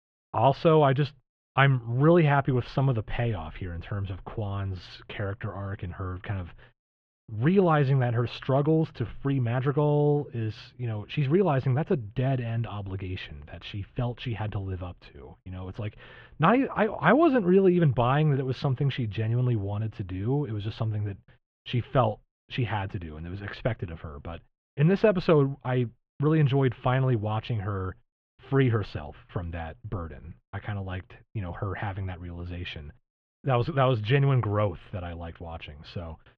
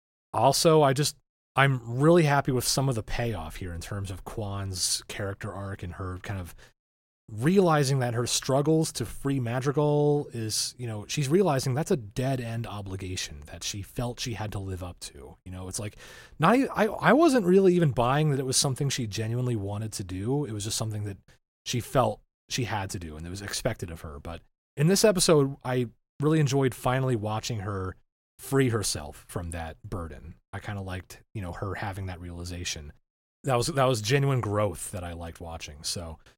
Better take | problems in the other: second | muffled; very; fading above 3 kHz

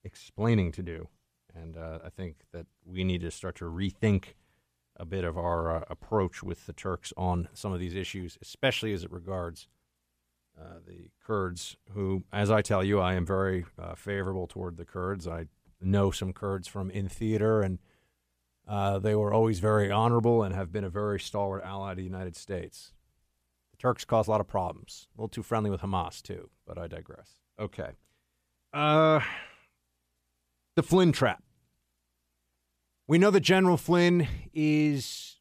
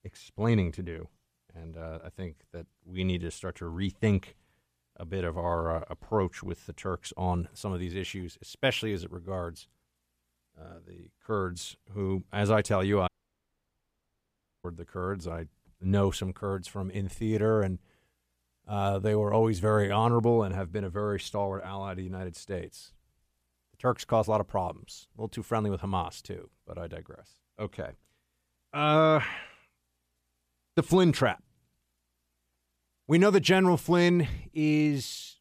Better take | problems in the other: first | audio cutting out; at 13 s for 1.5 s

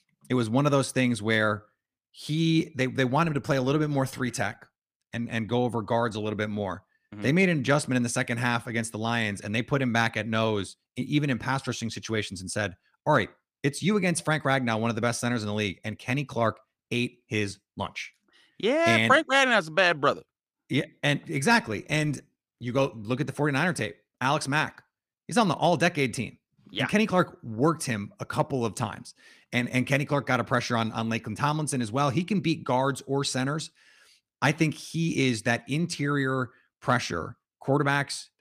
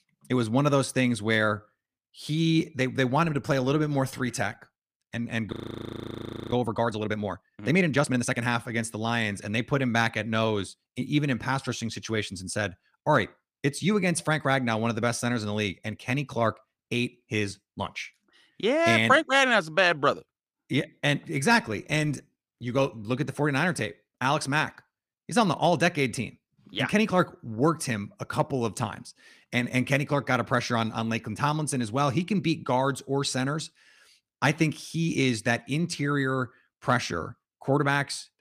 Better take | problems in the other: first | audio freezing; at 5.5 s for 1 s

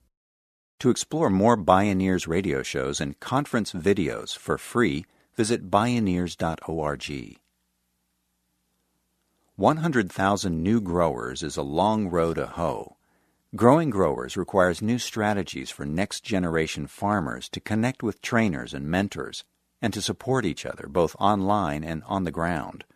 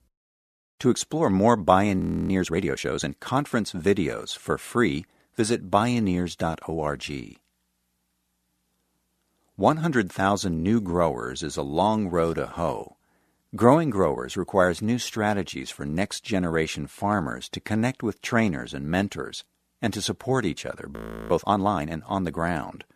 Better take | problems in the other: first | audio freezing; at 2 s and at 21 s

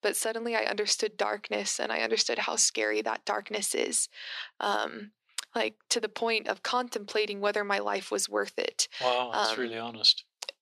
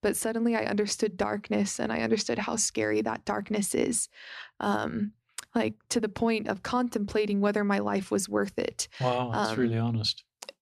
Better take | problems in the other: second | thin; somewhat; fading below 500 Hz

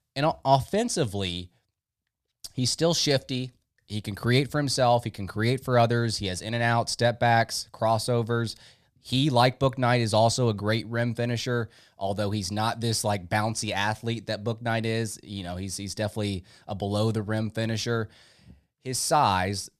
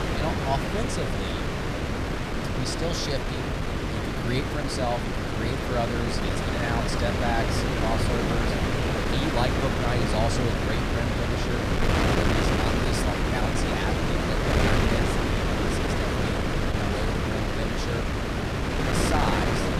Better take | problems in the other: first | wind noise on the microphone; heavy; 4 dB above the speech

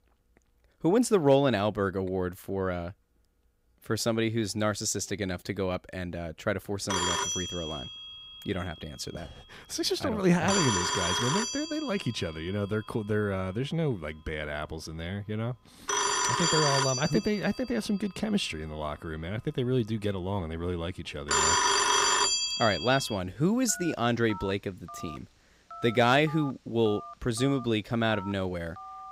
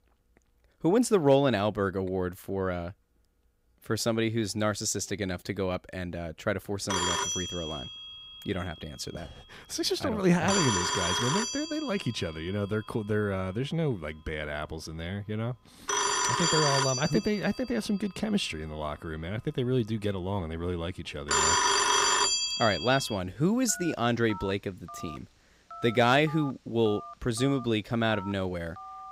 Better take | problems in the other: neither | alarms or sirens; very loud; from 7 s on; 2 dB above the speech; the same in both

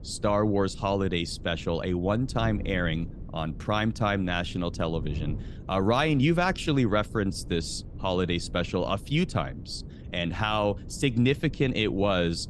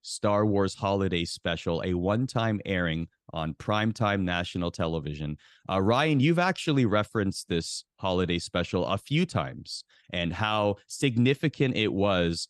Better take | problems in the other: second | wind noise on the microphone; occasional gusts; 20 dB below the speech

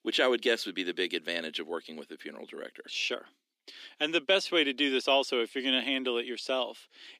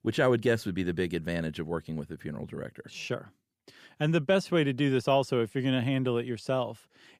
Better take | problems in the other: second | thin; very slightly; fading below 250 Hz

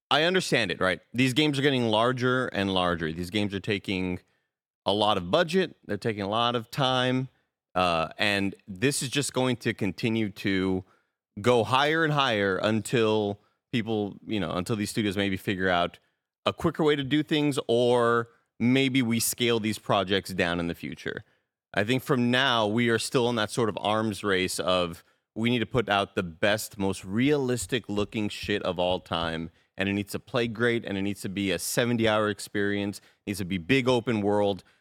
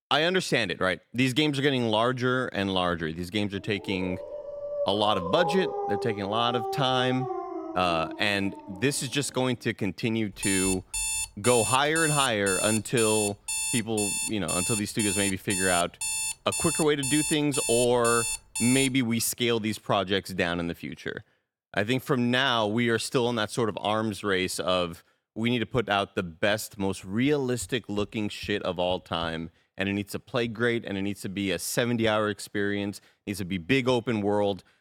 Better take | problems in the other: first | dog barking; noticeable; from 3.5 to 9 s; peak 3 dB below the speech // alarm; loud; from 10 to 19 s; peak level with the speech

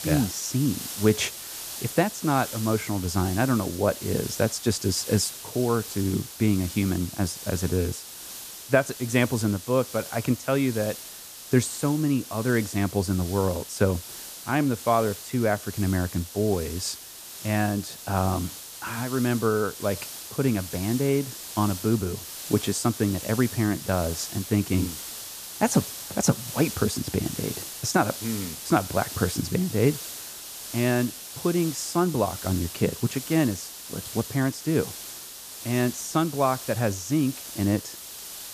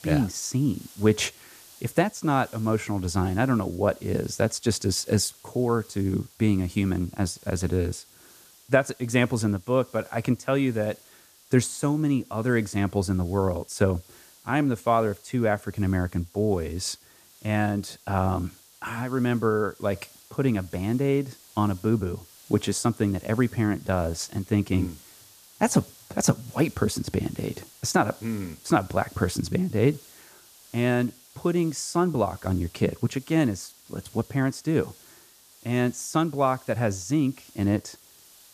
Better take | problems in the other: second | hiss; loud; throughout; 10 dB below the speech; faint in the second

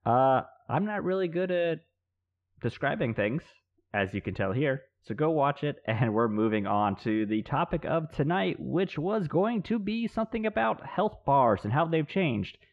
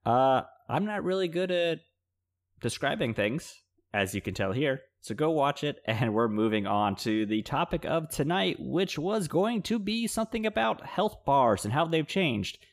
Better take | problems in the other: second | muffled; very; fading above 2 kHz

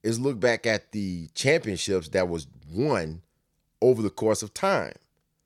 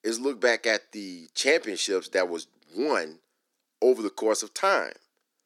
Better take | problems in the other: first | thin; somewhat; fading below 250 Hz

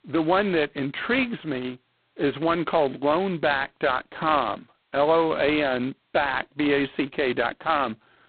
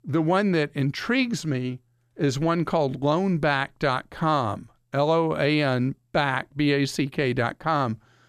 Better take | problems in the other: second | phone-call audio; poor line; nothing above 4 kHz

